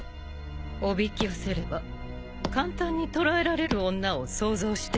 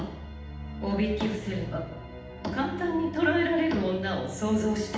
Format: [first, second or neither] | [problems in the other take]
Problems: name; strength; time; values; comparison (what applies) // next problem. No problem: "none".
first | room echo; dies away in 0.8 s